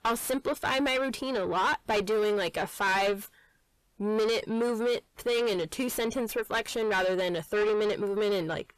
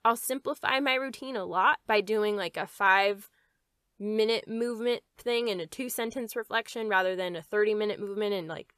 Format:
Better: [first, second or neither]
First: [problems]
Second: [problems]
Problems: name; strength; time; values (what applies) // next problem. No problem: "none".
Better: second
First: distortion; heavy; 5 dB below the speech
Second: none